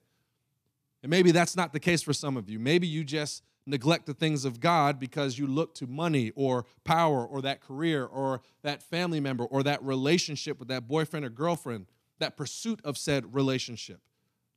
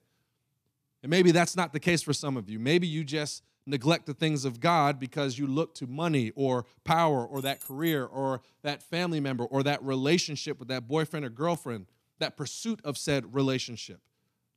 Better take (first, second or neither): first